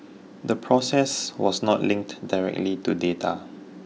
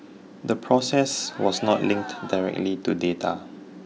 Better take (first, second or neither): first